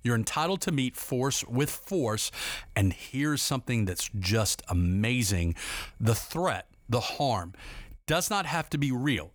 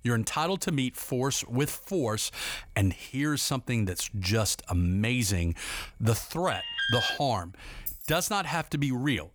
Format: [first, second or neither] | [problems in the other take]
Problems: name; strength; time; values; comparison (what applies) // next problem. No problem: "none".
first | alarm; loud; at 6.5 s; peak 2 dB above the speech // jangling keys; noticeable; at 8 s; peak 7 dB below the speech